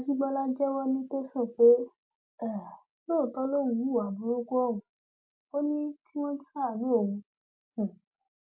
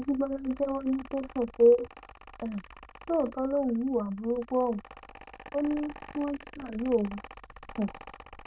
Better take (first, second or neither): first